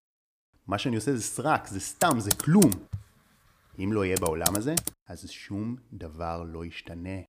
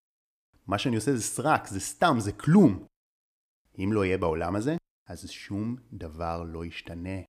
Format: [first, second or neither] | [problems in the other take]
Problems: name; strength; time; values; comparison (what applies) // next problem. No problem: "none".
second | keyboard typing; loud; from 2 to 5 s; peak 2 dB above the speech